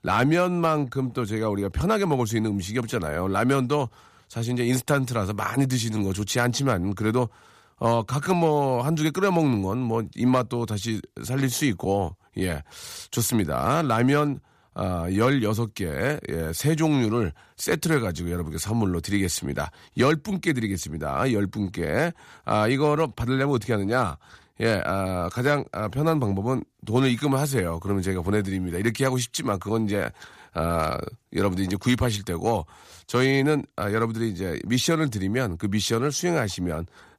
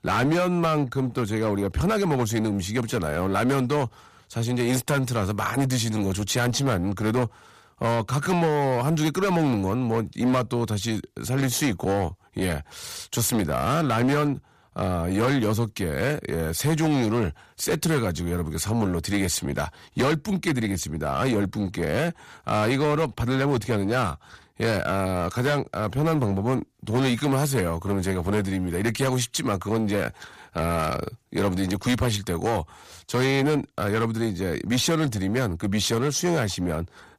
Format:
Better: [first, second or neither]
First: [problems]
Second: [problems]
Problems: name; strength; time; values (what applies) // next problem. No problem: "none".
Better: first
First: none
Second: distortion; slight; 12% of the sound clipped